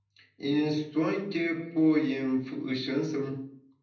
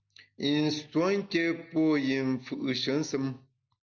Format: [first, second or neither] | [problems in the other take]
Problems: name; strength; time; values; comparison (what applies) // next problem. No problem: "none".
second | room echo; dies away in 0.6 s